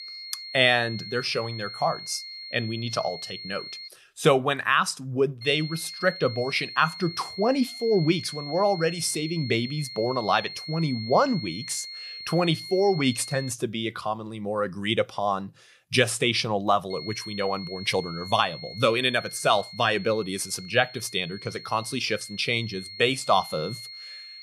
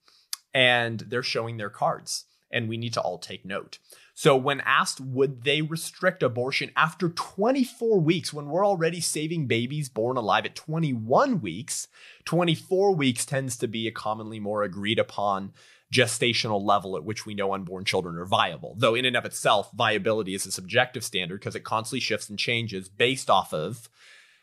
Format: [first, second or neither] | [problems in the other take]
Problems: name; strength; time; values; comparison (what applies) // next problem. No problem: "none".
second | high-pitched whine; noticeable; until 4 s, from 5.5 to 14 s and from 17 s on; 4.5 kHz, 10 dB below the speech